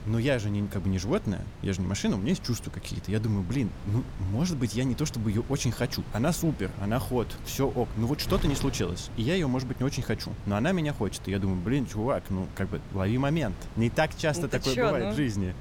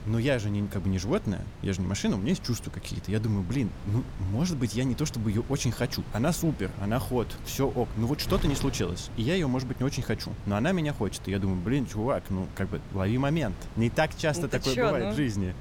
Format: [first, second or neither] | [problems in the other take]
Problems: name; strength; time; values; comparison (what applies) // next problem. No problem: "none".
neither | wind noise on the microphone; occasional gusts; 15 dB below the speech; the same in both